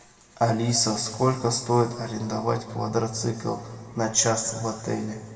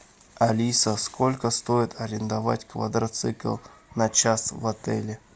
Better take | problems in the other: second | room echo; dies away in 1.7 s

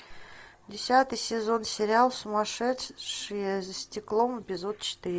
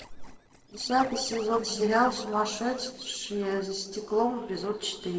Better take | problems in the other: first | noise reduction (neural separator model SepFormer DNS4)

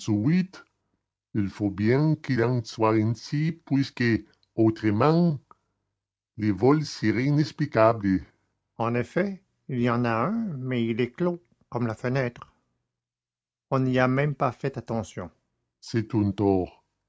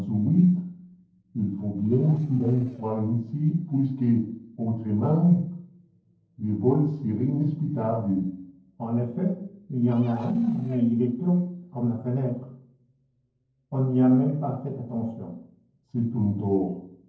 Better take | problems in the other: first | noise reduction (neural separator model SepFormer DNS4)

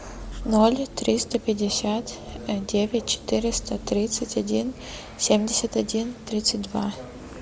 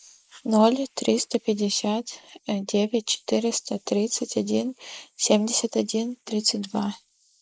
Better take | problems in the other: first | noise reduction (neural mask model Resemble Enhance denoiser)

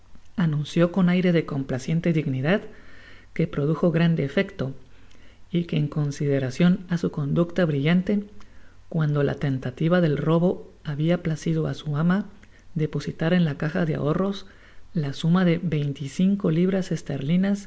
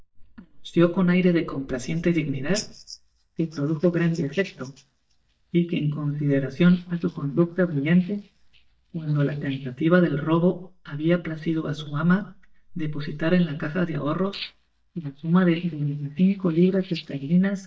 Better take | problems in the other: first | noise reduction (neural mask model DeepFilterNet 3)

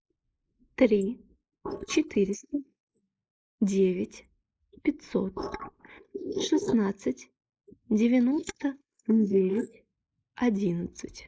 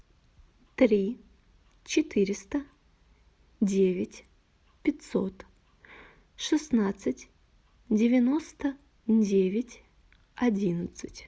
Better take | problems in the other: second | noise reduction (neural mask model Resemble Enhance denoiser)

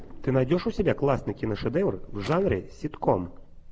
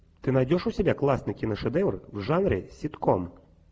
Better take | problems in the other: second | background sound (Drawer open or close); 15 dB below the speech

